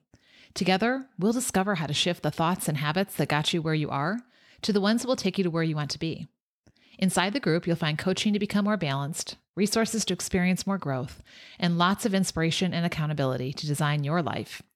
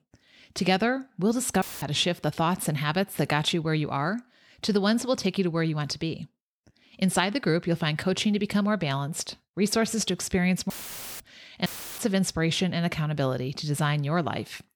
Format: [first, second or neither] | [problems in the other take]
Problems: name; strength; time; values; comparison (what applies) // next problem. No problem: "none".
first | audio cutting out; filled with static; at 1.5 s, at 11 s for 0.5 s and at 12 s